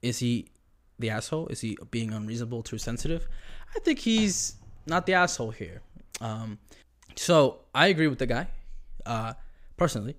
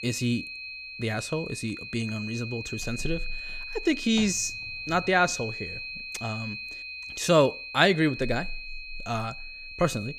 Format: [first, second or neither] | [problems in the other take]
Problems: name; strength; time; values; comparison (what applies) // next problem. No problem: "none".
first | high-pitched whine; loud; throughout; 2.5 kHz, 9 dB below the speech